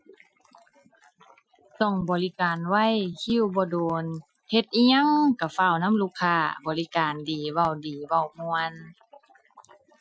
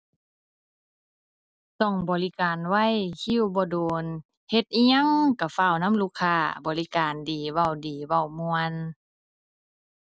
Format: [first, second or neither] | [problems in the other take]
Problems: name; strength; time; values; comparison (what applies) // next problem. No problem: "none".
second | noise reduction (classical method Wiener filter)